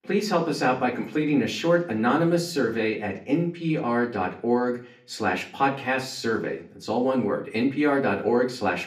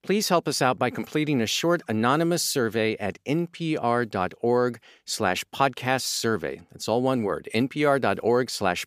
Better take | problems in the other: second | room echo; slight; dies away in 0.5 s // off-mic speech; far

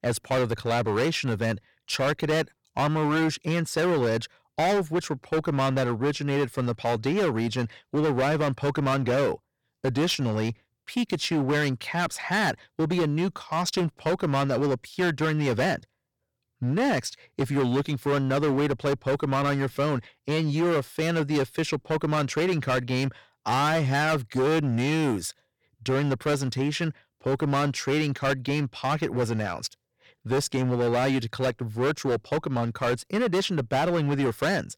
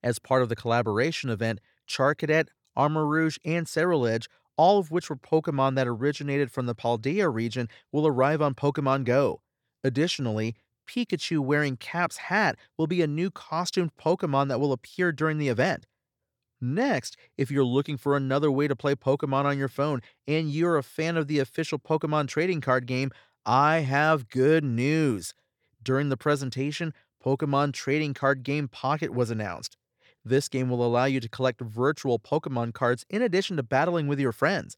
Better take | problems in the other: second | distortion; heavy; 17% of the sound clipped

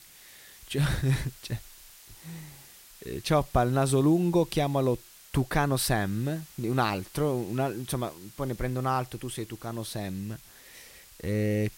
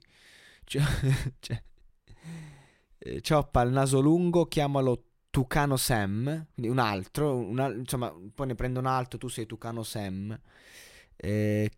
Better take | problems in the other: second | hiss; faint; throughout; 20 dB below the speech

